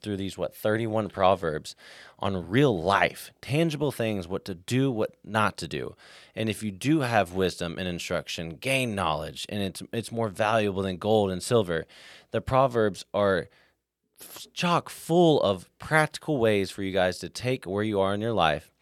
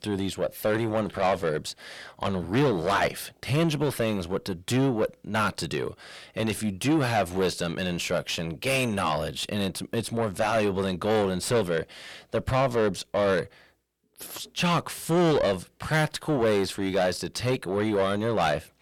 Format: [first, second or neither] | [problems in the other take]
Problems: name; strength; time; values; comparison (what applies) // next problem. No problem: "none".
first | distortion; heavy; 6 dB below the speech